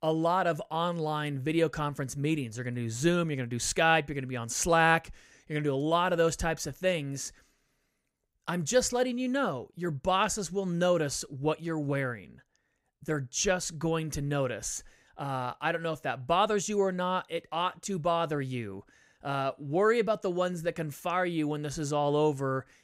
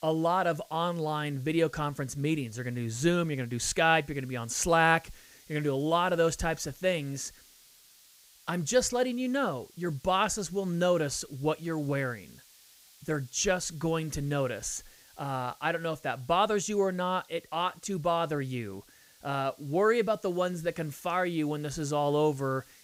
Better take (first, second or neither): first